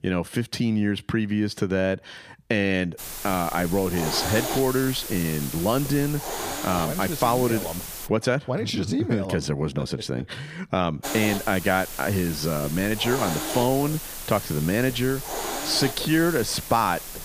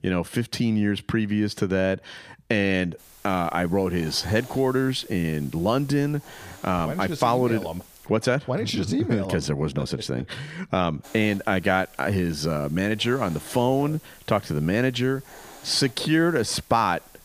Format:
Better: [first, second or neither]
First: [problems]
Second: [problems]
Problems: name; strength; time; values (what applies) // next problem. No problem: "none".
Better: second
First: hiss; loud; from 3 to 8 s and from 11 s on; 7 dB below the speech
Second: hiss; faint; from 3 to 8 s and from 11 s on; 20 dB below the speech